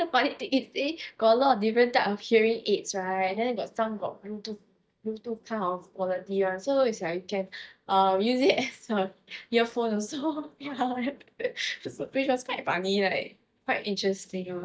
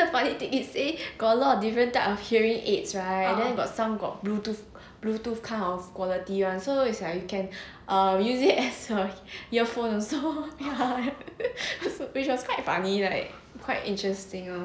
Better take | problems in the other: second | noise reduction (neural mask model DeepFilterNet 3)

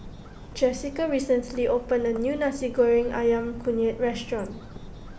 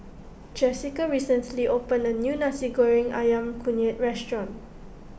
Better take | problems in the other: second | background sound (Bird); 18 dB below the speech

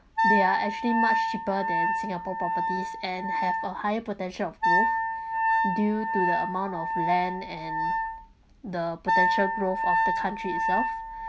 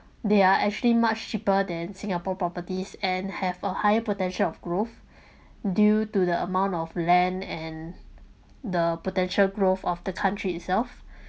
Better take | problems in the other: second | background sound (Wind instrument, woodwind instrument); 3 dB above the speech

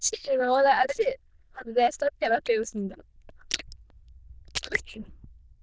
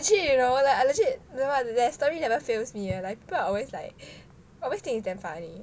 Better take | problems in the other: second | noise reduction (neural diffusion model UNIVERSE++)

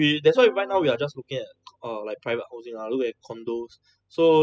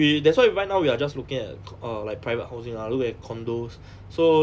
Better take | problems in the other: second | noise reduction (classical method spectral subtraction)

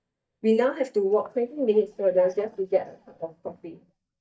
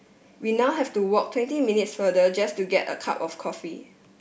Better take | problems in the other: second | noise reduction (neural mask model DeepFilterNet 3)

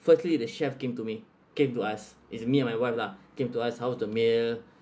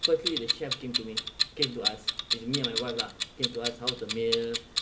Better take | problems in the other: first | background sound (Clock); 1 dB above the speech // room echo; dies away in 0.7 s

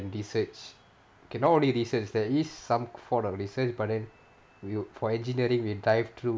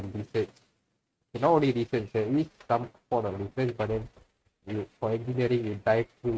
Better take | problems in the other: first | noise reduction (neural mask model RNNoise)

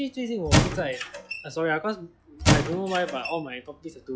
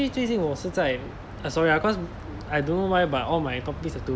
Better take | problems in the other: second | noise reduction (classical method log-MMSE)

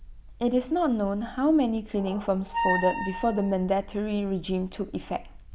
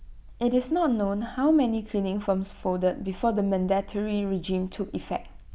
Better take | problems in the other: second | background sound (Squeak); 6 dB below the speech

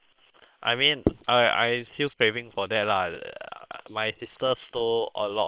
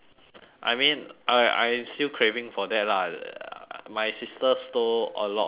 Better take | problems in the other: second | noise reduction (neural separator model SepFormer WHAM!)

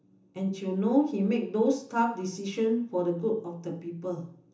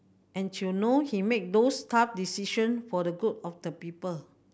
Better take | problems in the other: second | room echo; dies away in 0.7 s

